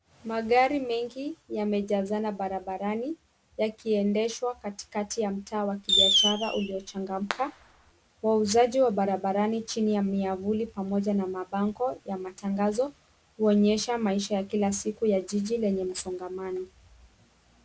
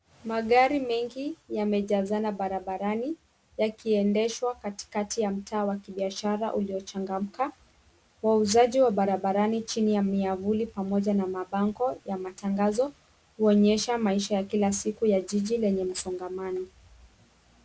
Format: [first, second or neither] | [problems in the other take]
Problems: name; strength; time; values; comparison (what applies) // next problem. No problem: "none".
second | background sound (Fireworks); as loud as the speech